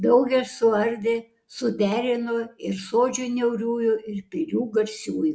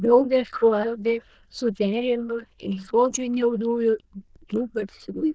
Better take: first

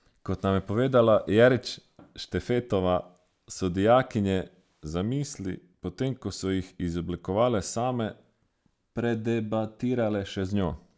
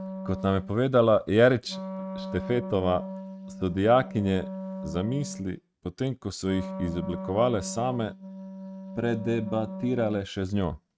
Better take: first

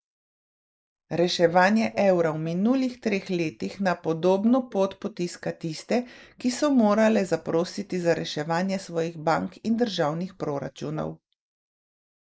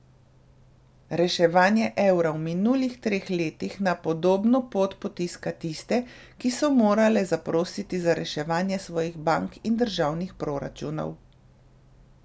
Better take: second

